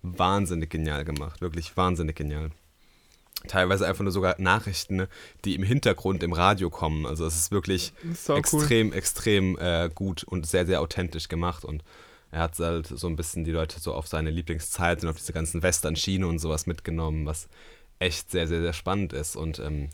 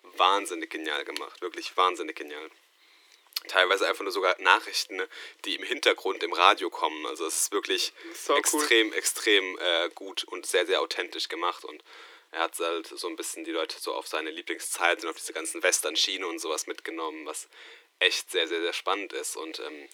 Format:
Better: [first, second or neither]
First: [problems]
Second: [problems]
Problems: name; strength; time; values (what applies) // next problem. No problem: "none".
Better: first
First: none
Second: thin; very; fading below 300 Hz